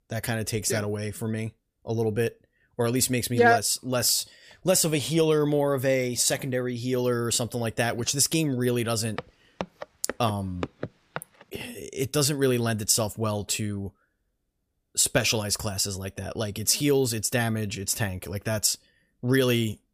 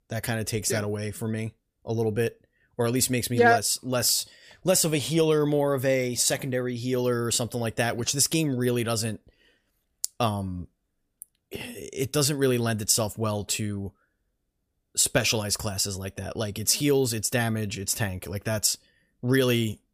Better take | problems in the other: second | footsteps; faint; from 9 to 11 s; peak 10 dB below the speech

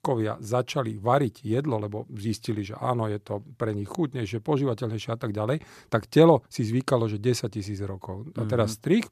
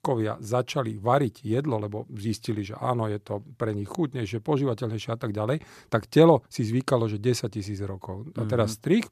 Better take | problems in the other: neither | none

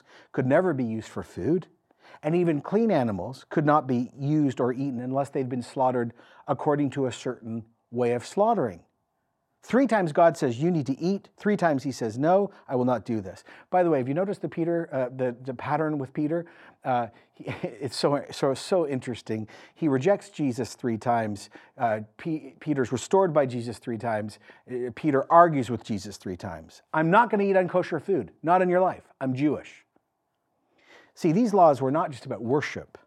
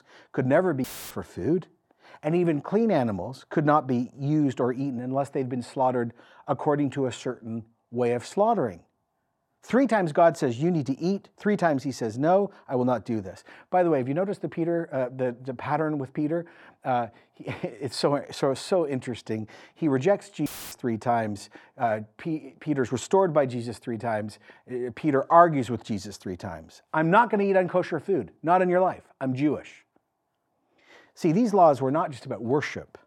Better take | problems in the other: first | audio cutting out; filled with static; at 1 s and at 20 s

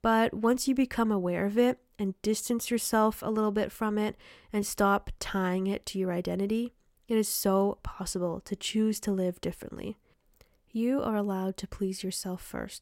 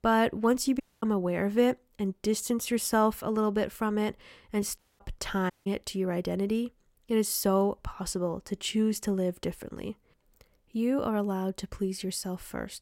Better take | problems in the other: first | audio cutting out; at 1 s, at 5 s and at 5.5 s

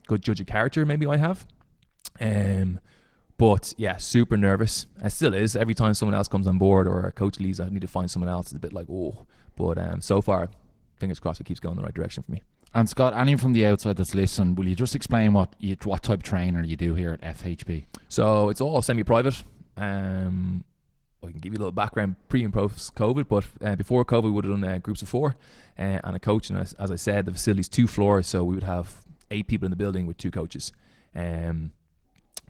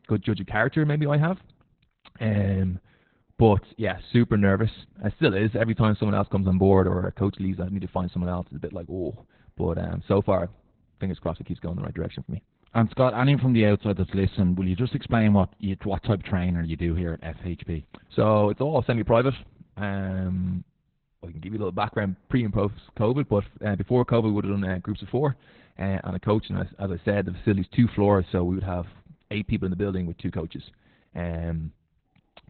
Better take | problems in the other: first | garbled, watery; badly; nothing above 4 kHz; slightly in the first

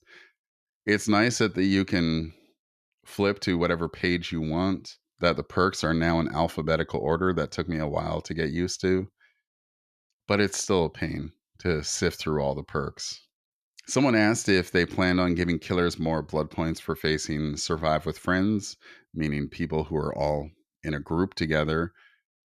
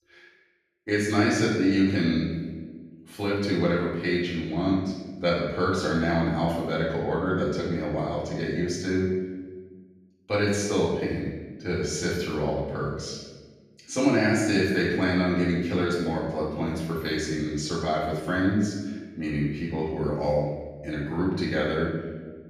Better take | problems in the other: first | off-mic speech; far // room echo; noticeable; dies away in 1.1 s

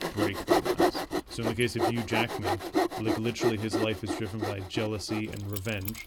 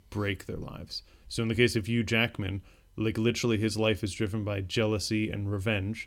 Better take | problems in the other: second | machinery noise; very loud; throughout; 2 dB above the speech

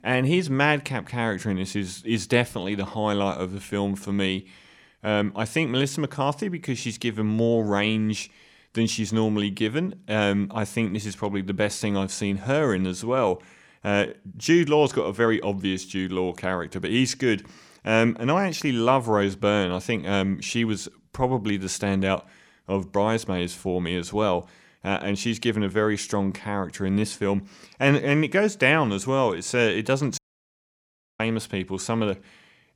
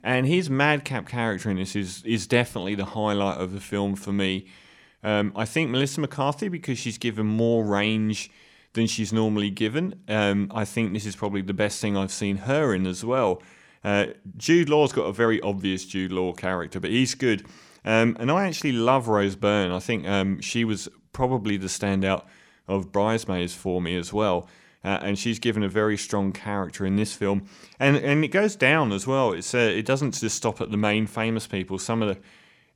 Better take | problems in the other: second | audio cutting out; at 30 s for 1 s

